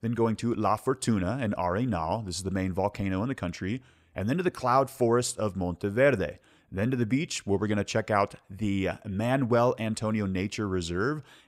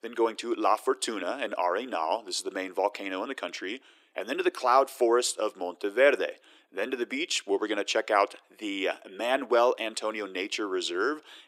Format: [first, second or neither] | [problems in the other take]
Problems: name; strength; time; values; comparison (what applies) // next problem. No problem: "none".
first | thin; somewhat; fading below 300 Hz